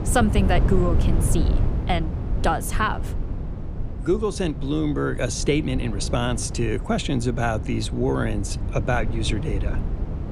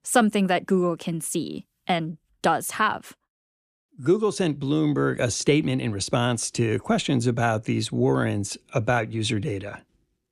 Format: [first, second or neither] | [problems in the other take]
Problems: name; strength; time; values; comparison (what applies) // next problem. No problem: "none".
second | low rumble; noticeable; throughout; 10 dB below the speech